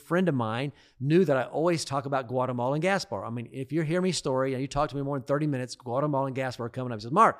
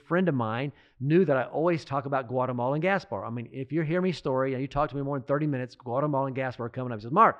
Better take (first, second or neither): first